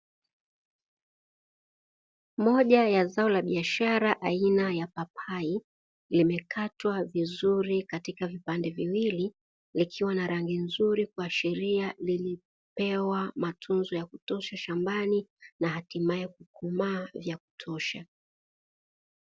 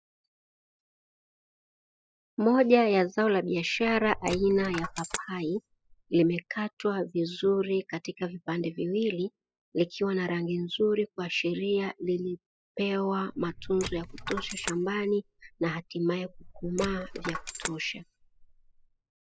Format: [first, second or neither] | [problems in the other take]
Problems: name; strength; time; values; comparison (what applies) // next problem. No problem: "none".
first | noise reduction (classical method spectral subtraction)